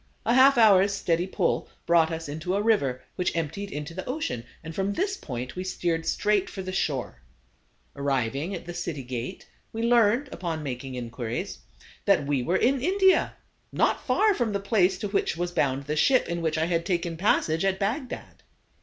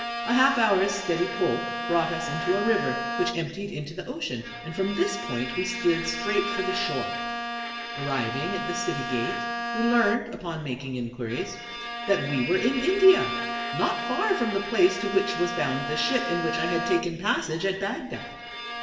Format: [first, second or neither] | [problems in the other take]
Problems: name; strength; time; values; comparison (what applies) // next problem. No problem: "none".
first | background sound (Bowed string instrument); 5 dB below the speech // room echo; dies away in 1.1 s